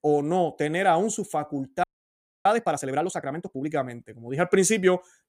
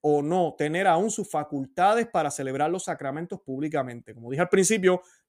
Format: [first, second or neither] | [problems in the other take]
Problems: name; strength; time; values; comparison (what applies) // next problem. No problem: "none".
second | audio freezing; at 2 s for 0.5 s